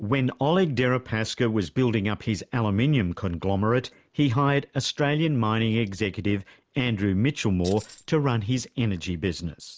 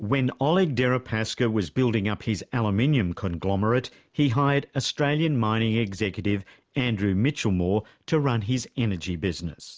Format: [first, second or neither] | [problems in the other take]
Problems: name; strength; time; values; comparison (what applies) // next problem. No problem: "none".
second | noise reduction (neural mask model Resemble Enhance denoiser)